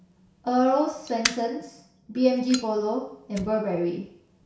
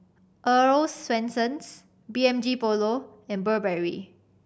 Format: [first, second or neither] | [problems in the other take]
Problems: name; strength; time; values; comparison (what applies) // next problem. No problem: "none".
second | background sound (Fire); 12 dB below the speech // room echo; dies away in 0.6 s